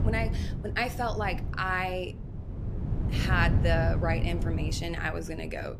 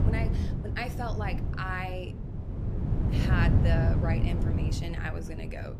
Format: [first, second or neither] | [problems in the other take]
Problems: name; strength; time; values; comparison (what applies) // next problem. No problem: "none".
first | wind noise on the microphone; heavy; 4 dB below the speech; occasional gusts in the first